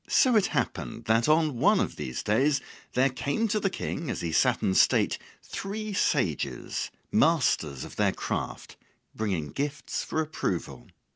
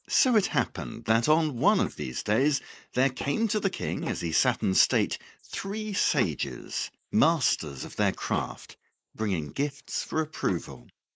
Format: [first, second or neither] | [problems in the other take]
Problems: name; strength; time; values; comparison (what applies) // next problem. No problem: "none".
first | noise reduction (neural mask model Resemble Enhance denoiser)